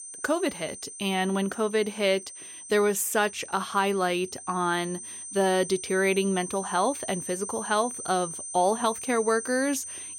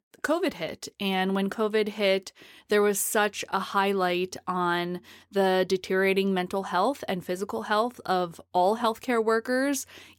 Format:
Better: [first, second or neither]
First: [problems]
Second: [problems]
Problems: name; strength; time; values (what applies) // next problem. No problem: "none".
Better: second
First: high-pitched whine; loud; throughout; 8.5 kHz, 10 dB below the speech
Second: none